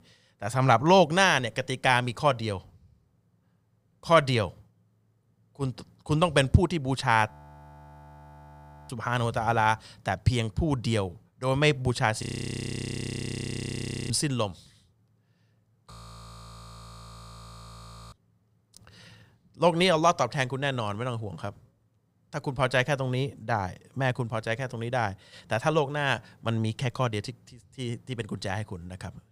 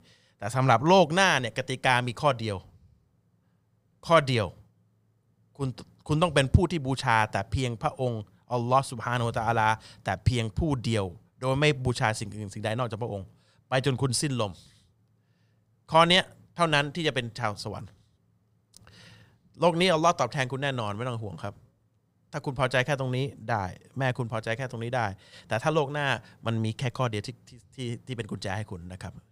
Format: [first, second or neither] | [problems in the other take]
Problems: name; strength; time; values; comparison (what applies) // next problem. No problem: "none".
second | audio freezing; at 7.5 s for 1.5 s, at 12 s for 2 s and at 16 s for 2 s